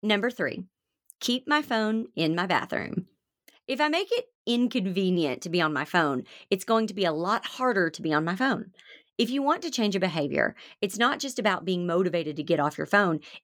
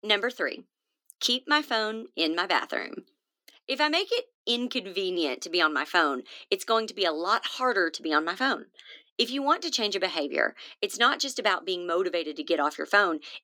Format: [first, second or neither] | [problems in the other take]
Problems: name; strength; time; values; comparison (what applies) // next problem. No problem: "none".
first | thin; somewhat; fading below 250 Hz